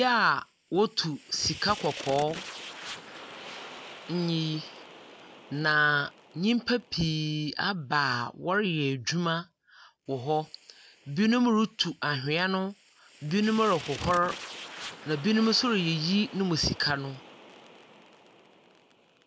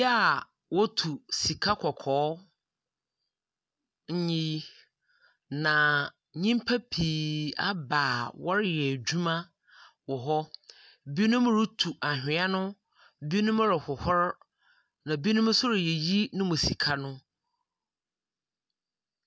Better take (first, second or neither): second